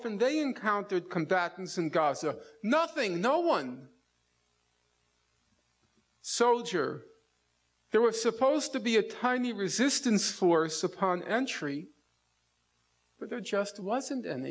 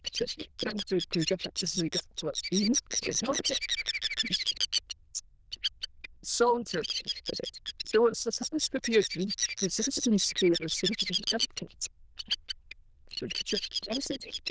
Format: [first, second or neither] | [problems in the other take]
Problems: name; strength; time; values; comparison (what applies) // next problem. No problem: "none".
first | noise reduction (neural diffusion model UNIVERSE++)